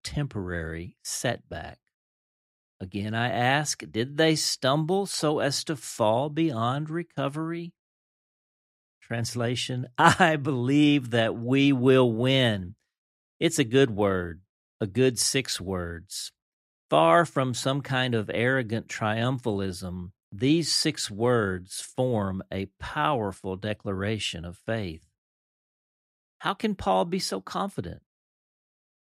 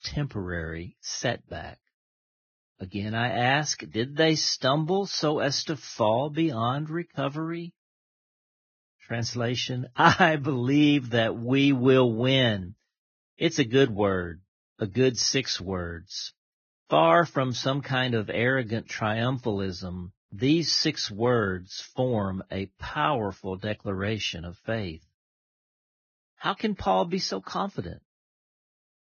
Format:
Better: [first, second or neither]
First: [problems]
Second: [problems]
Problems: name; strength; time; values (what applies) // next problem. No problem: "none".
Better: first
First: none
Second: garbled, watery; badly; nothing above 6.5 kHz